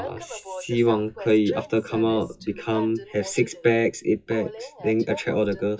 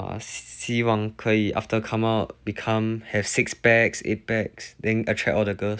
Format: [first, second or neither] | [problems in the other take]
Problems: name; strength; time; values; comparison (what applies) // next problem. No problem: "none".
second | noise reduction (classical method WPE with log-MMSE)